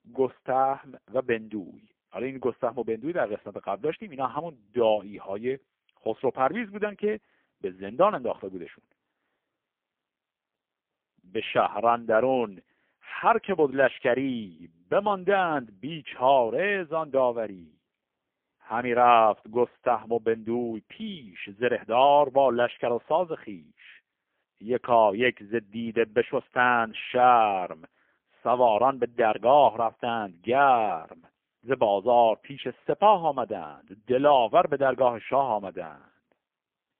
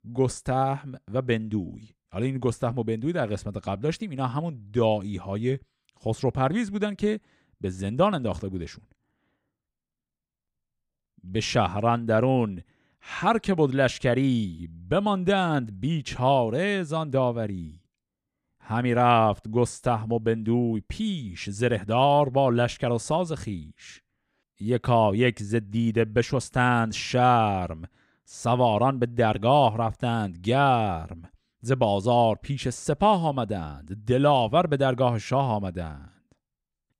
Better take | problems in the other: second | phone-call audio; poor line; nothing above 3.5 kHz

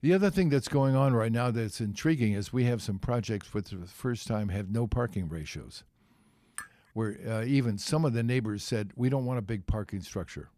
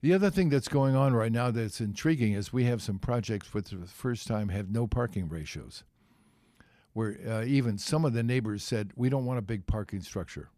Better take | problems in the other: second | clattering dishes; faint; at 6.5 s; peak 15 dB below the speech

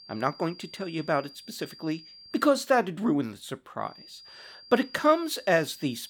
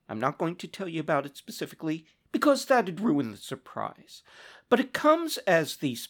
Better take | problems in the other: second | high-pitched whine; noticeable; until 2.5 s and from 4 s on; 5 kHz, 20 dB below the speech

